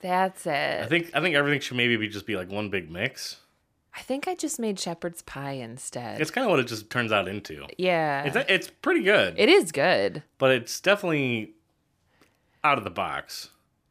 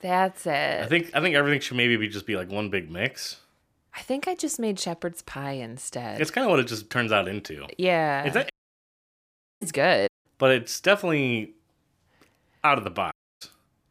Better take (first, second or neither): first